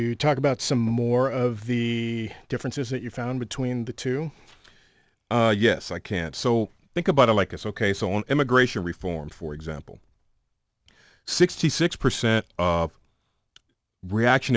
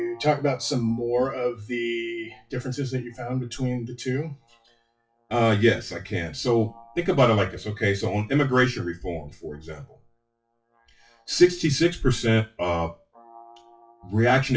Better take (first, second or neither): first